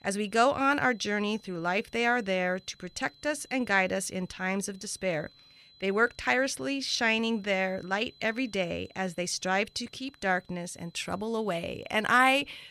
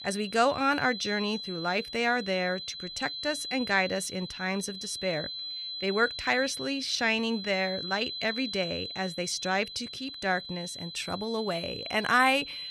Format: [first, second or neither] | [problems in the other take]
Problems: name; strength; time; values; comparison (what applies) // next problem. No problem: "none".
first | high-pitched whine; loud; throughout; 4 kHz, 7 dB below the speech; faint in the first